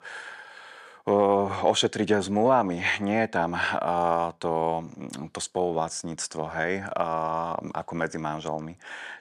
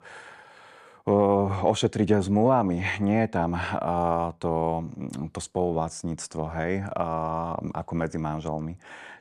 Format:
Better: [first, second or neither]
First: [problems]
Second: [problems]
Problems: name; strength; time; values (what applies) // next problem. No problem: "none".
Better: second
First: thin; very slightly; fading below 400 Hz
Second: none